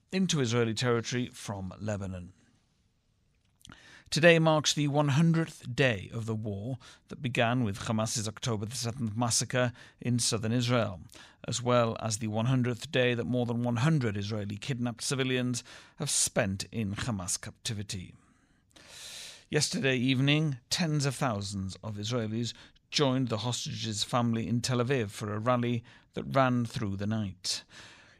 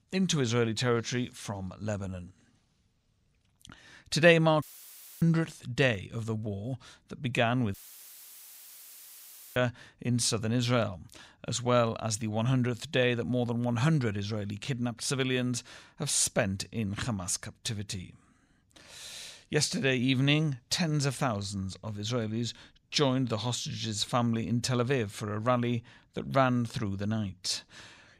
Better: first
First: none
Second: audio cutting out; filled with static; at 4.5 s for 0.5 s and at 7.5 s for 2 s

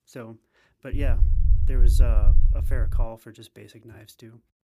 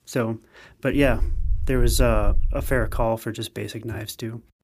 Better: second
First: low rumble; loud; from 1 to 3 s; 5 dB below the speech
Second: low rumble; faint; from 1 to 3 s; 25 dB below the speech

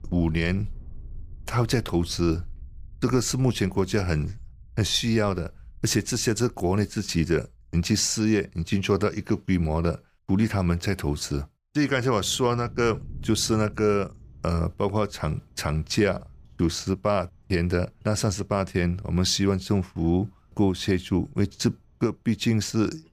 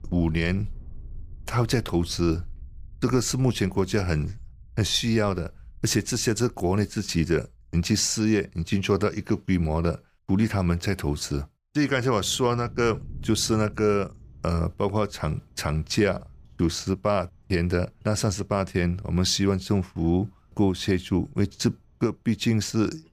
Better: neither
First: rain or running water; faint; throughout; 20 dB below the speech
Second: rain or running water; faint; throughout; 20 dB below the speech

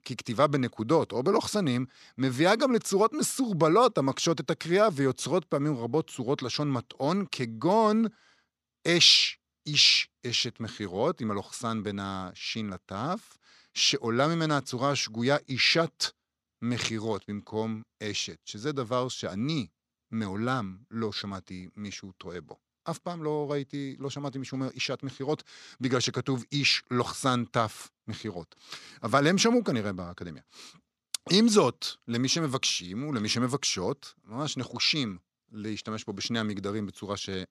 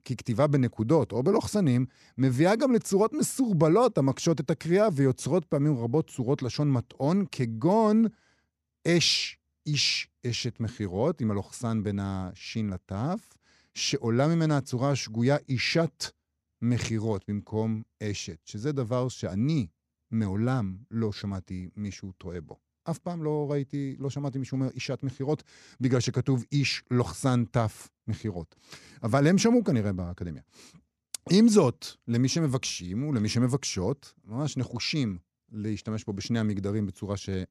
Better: second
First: thin; very slightly; fading below 250 Hz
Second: none

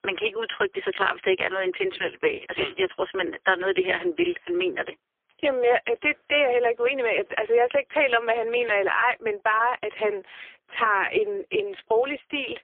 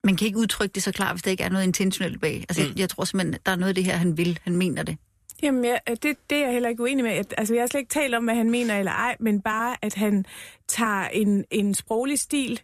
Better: second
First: phone-call audio; poor line; nothing above 3 kHz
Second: none

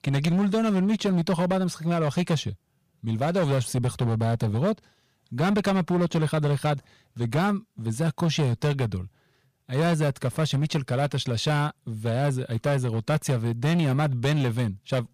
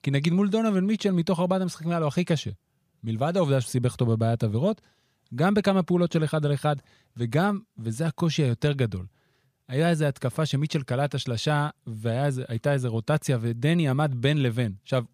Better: second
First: distortion; slight; 13% of the sound clipped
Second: none

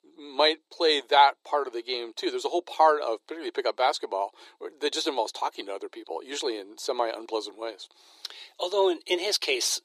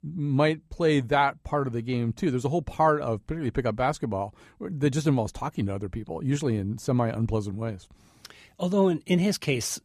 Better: second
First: thin; very; fading below 350 Hz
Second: none

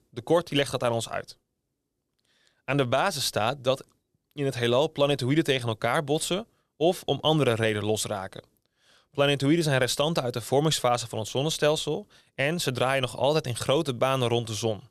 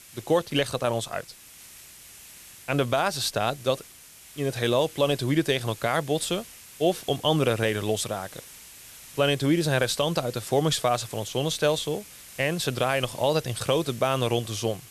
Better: first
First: none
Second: hiss; noticeable; throughout; 20 dB below the speech

